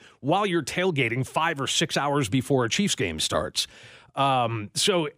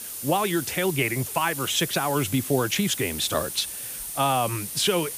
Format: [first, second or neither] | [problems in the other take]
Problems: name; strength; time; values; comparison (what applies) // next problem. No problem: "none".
first | hiss; loud; throughout; 6 dB below the speech